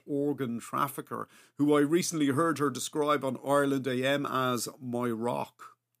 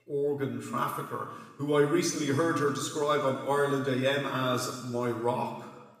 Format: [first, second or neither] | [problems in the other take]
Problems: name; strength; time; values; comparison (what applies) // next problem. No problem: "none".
first | room echo; noticeable; dies away in 1.2 s // off-mic speech; somewhat distant